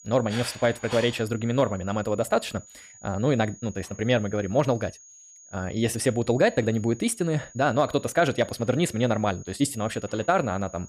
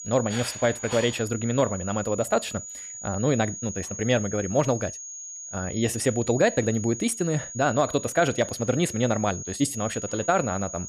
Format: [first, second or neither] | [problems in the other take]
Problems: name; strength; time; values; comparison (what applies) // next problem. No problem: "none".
first | high-pitched whine; loud; throughout; 6.5 kHz, 9 dB below the speech; faint in the first